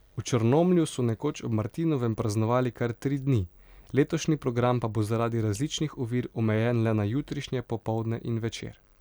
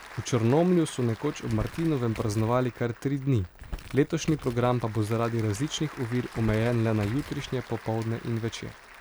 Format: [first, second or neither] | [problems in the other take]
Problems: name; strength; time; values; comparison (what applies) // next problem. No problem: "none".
first | background sound (Applause / Crowd + Crumpling, crinkling); 16 dB below the speech